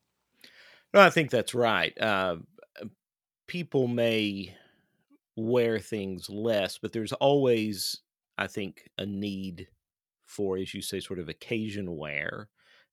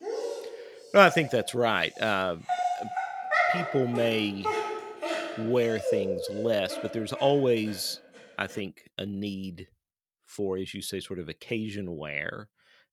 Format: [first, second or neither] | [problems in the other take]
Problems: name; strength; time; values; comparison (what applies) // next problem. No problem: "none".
first | dog barking; loud; until 7.5 s; peak 4 dB above the speech